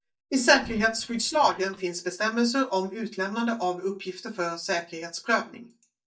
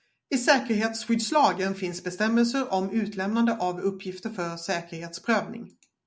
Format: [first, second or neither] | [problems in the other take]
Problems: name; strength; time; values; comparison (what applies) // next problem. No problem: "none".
second | noise reduction (neural mask model DeepFilterNet 3)